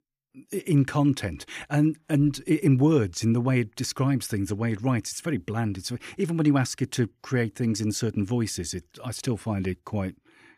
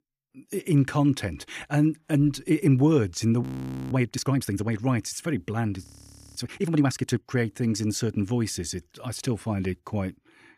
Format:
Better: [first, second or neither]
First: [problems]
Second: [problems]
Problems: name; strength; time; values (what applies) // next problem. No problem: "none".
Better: first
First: none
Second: audio freezing; at 3.5 s and at 6 s for 0.5 s